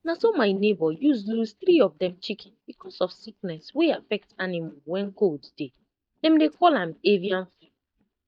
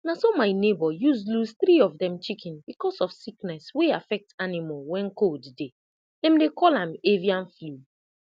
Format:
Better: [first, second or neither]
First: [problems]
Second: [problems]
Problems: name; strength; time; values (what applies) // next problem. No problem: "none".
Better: second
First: noise reduction (neural mask model DeepFilterNet 3)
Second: none